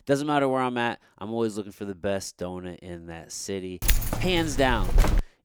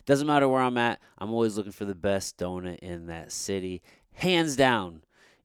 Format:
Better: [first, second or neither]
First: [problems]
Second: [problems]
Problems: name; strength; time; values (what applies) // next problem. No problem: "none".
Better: second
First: jangling keys; loud; from 4 s on; peak 3 dB above the speech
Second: none